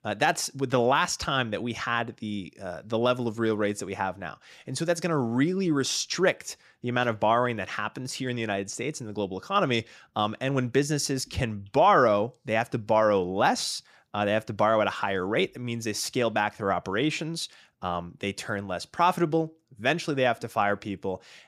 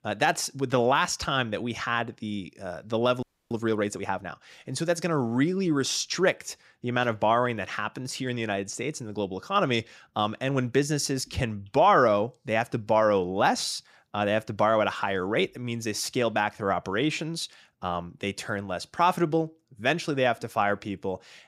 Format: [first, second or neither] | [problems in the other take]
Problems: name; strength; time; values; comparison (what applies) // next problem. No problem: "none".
first | audio freezing; at 3 s